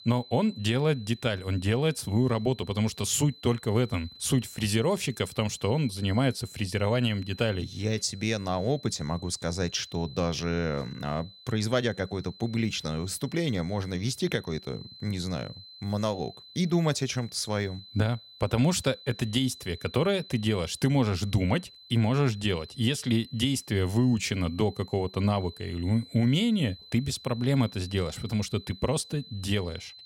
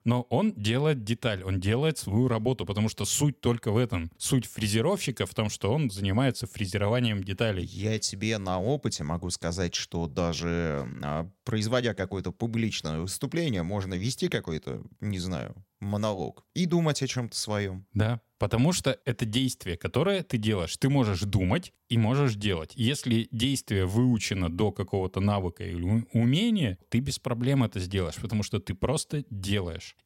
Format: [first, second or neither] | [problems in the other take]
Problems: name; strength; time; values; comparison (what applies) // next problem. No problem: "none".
second | high-pitched whine; noticeable; throughout; 4 kHz, 20 dB below the speech